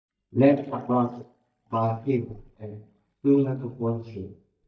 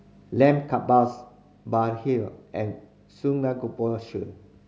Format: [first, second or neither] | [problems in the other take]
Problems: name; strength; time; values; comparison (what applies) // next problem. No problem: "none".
second | noise reduction (neural mask model DeepFilterNet 3)